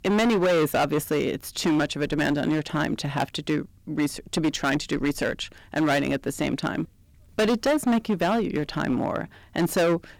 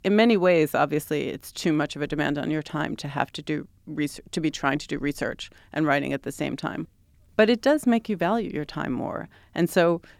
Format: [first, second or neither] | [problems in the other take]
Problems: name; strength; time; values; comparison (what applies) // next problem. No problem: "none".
second | distortion; heavy; 13% of the sound clipped